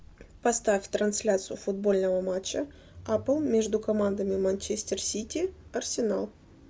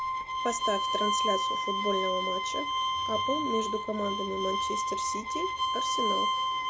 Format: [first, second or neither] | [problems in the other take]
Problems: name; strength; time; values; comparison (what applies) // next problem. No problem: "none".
first | background sound (Bowed string instrument); 4 dB above the speech